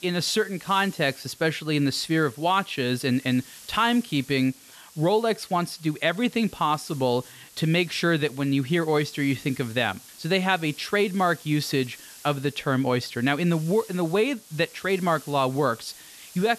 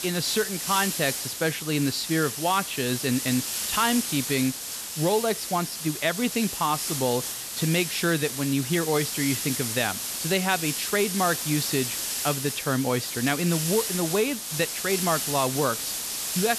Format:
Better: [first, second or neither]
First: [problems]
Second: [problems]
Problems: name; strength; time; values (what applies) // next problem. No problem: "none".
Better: first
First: hiss; faint; throughout; 20 dB below the speech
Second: hiss; loud; throughout; 2 dB below the speech